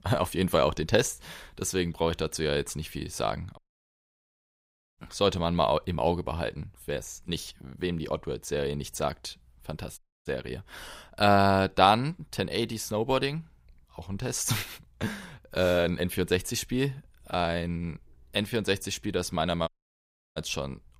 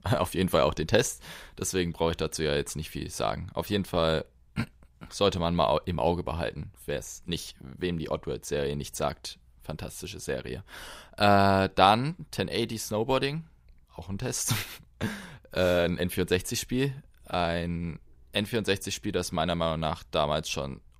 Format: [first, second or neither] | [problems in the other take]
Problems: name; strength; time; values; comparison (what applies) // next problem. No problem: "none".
second | audio cutting out; at 3.5 s for 1.5 s, at 10 s and at 20 s for 0.5 s